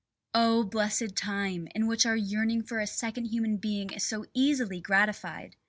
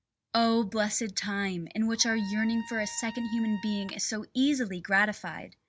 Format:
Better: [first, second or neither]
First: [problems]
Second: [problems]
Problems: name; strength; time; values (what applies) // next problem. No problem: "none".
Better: first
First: none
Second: background sound (Trumpet); 18 dB below the speech